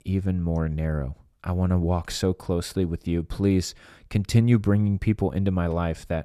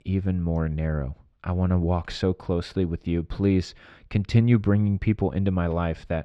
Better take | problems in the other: first | muffled; very slightly; fading above 3.5 kHz

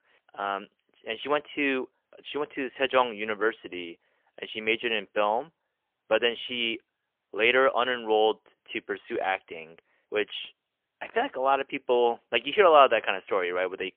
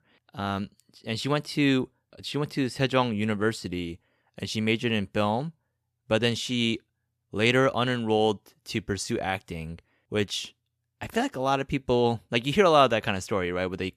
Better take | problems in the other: second | phone-call audio; poor line; nothing above 3.5 kHz

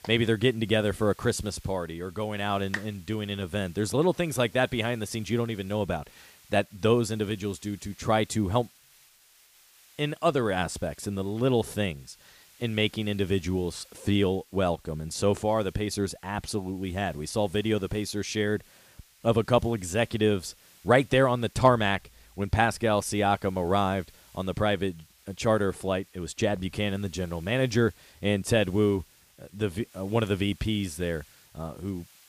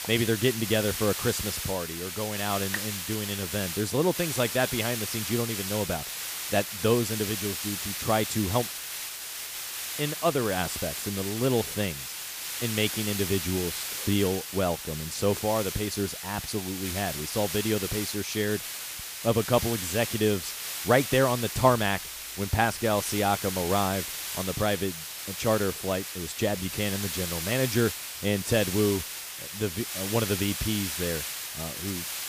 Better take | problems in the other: first | hiss; loud; throughout; 4 dB below the speech; faint in the first

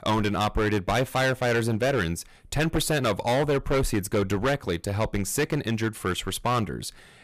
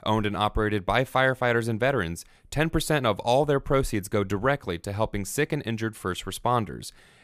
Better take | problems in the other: second | distortion; heavy; 12% of the sound clipped

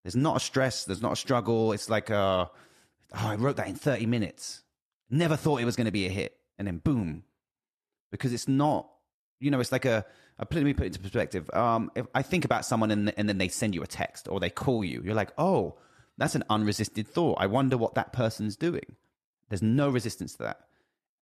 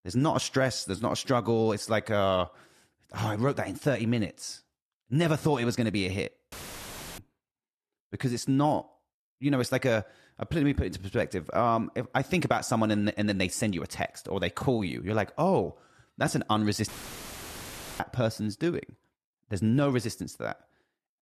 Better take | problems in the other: first | audio cutting out; filled with static; at 6.5 s for 0.5 s and at 17 s for 1 s

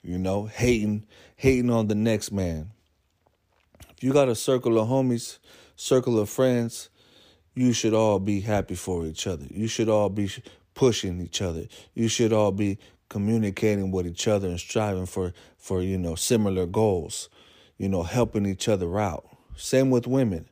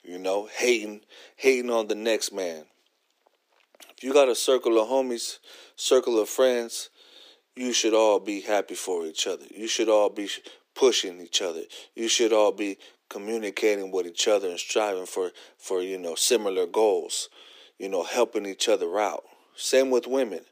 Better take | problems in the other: first | thin; somewhat; fading below 300 Hz

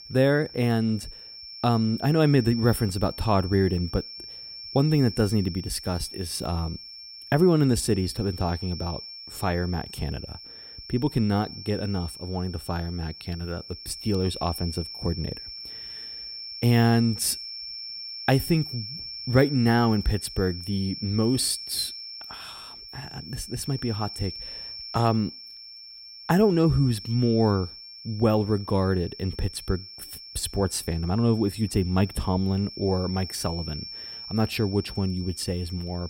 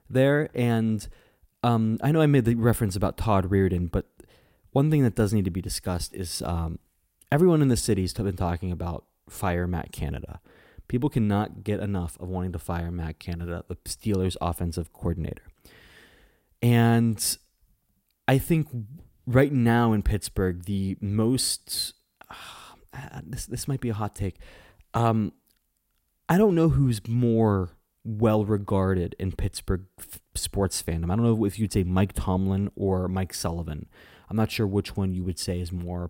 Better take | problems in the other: second | high-pitched whine; noticeable; throughout; 5.5 kHz, 10 dB below the speech

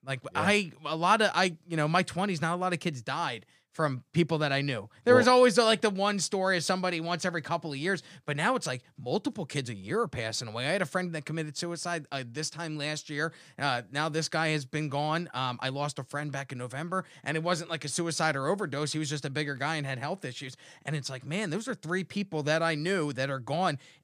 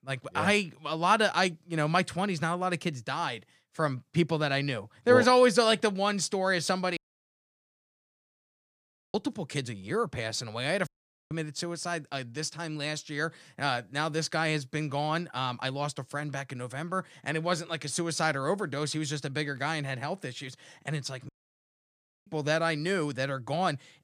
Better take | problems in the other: first | audio cutting out; at 7 s for 2 s, at 11 s and at 21 s for 1 s

